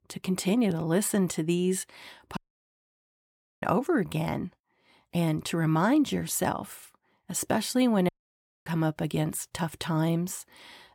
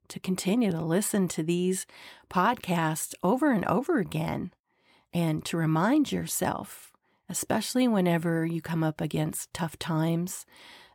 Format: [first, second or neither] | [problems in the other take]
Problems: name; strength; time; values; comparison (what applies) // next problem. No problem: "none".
second | audio cutting out; at 2.5 s for 1.5 s and at 8 s for 0.5 s